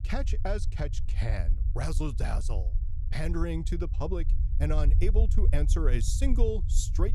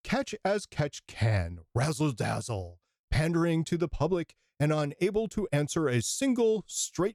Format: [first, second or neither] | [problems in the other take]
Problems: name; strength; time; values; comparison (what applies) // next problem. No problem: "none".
second | low rumble; noticeable; throughout; 10 dB below the speech